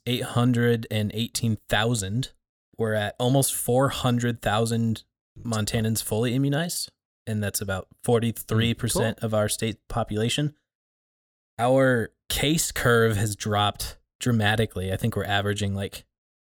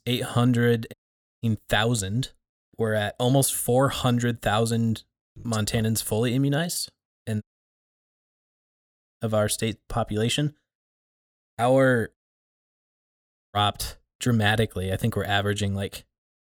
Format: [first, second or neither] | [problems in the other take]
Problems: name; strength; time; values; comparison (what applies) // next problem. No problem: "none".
first | audio cutting out; at 1 s, at 7.5 s for 2 s and at 12 s for 1.5 s